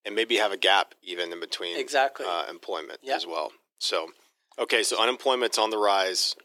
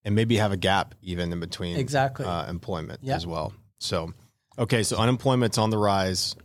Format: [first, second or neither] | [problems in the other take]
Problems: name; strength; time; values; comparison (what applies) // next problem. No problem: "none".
second | thin; very; fading below 350 Hz